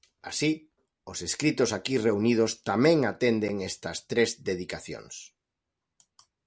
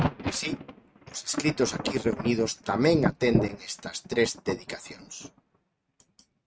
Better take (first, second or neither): first